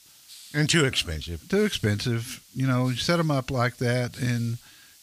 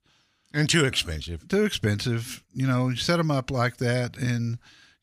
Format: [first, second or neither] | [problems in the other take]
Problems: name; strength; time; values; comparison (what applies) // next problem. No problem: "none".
second | hiss; faint; throughout; 20 dB below the speech